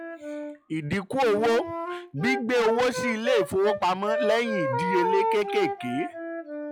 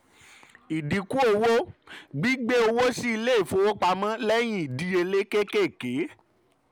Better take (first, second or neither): second